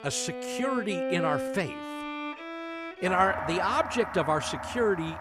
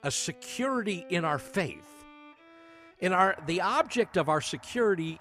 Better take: second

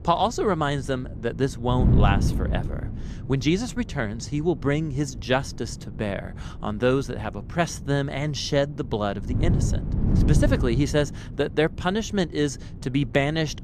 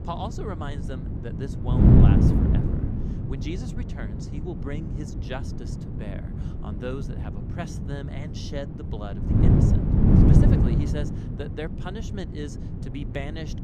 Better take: first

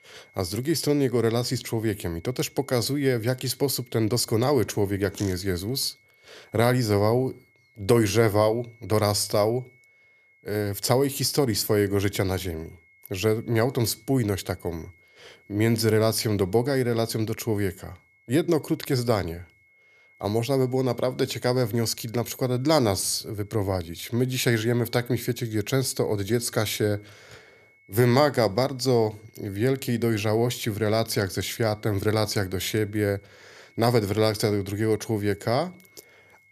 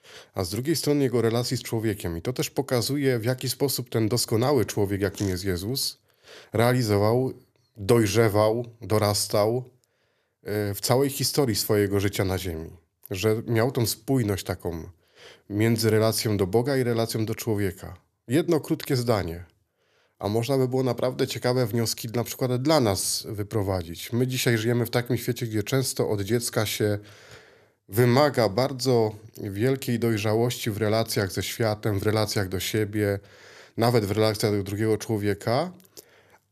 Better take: second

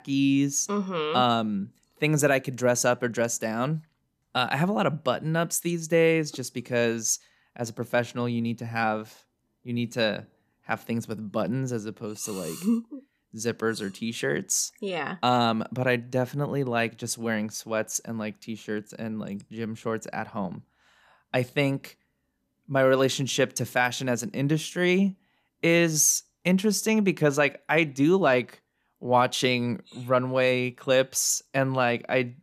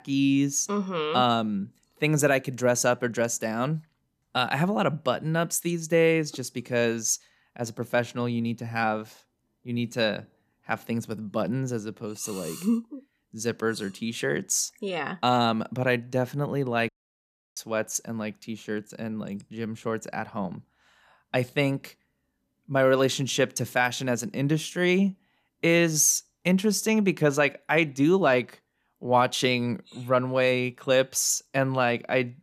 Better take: first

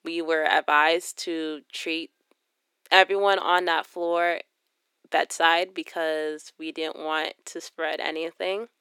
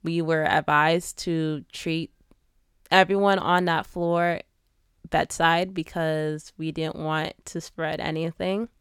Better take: second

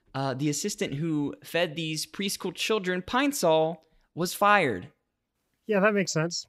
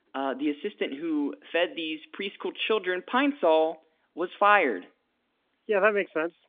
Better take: first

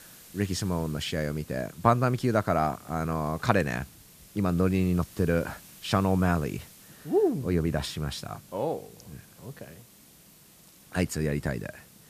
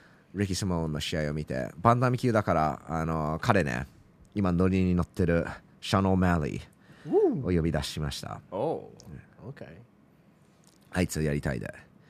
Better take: second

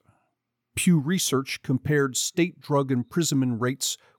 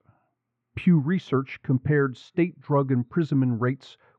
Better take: first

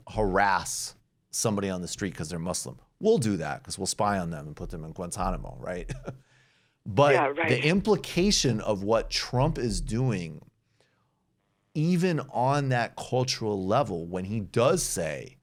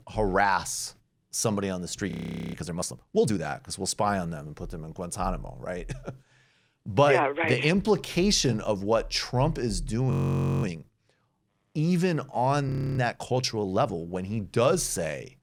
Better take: first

